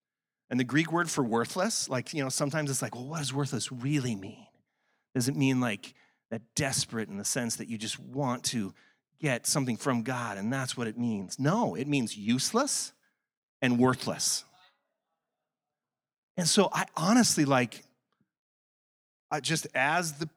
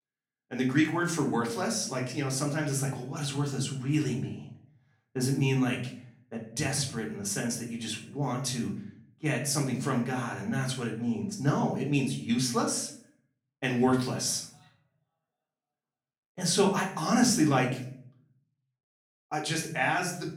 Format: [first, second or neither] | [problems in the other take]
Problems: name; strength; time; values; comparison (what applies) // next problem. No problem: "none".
first | off-mic speech; far // room echo; slight; dies away in 0.6 s